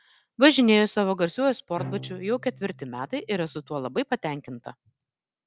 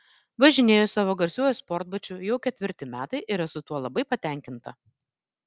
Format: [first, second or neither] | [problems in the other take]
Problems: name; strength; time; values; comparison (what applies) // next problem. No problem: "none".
second | background sound (Bowed string instrument); 17 dB below the speech